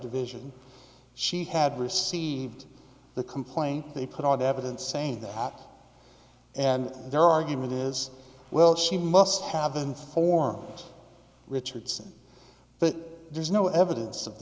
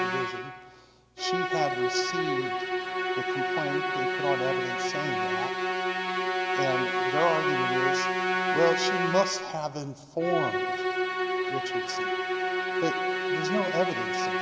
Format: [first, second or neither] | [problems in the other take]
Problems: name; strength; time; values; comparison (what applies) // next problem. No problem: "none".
first | background sound (Musical instrument); 4 dB above the speech